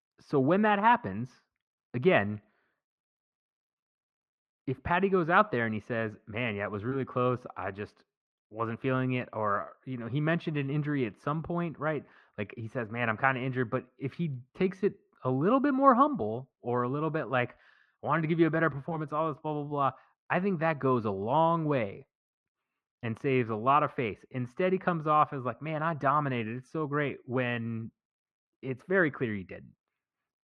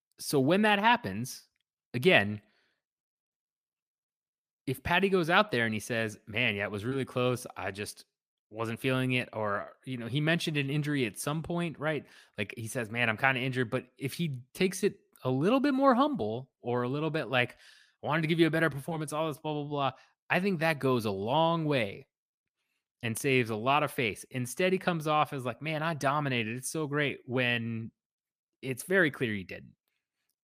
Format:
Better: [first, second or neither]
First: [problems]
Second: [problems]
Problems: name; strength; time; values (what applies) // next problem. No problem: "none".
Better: second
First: muffled; very; fading above 1.5 kHz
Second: none